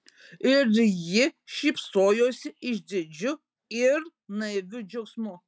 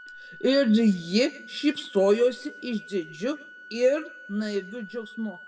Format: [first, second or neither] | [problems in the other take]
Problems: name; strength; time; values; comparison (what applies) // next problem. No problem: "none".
first | background sound (Organ); 19 dB below the speech // room echo; dies away in 0.7 s